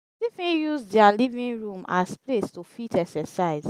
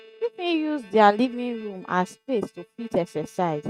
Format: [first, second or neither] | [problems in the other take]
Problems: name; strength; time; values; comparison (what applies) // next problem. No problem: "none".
first | noise reduction (neural mask model RNNoise)